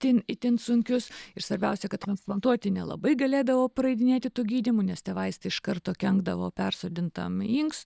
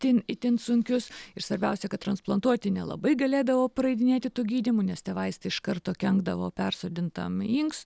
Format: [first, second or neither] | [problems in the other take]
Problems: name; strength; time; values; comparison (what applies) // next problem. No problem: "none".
second | noise reduction (neural mask model DeepFilterNet 3)